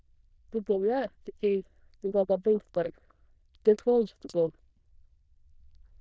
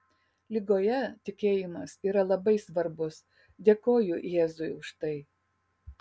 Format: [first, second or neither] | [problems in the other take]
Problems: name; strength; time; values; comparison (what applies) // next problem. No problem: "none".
second | noise reduction (neural diffusion model UNIVERSE++)